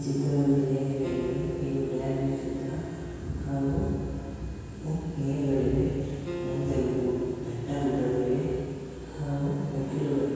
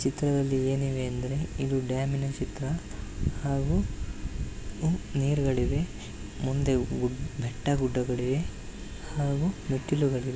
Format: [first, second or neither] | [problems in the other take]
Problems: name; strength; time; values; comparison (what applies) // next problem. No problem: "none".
second | background sound (Acoustic guitar); 12 dB below the speech // room echo; dies away in 2.2 s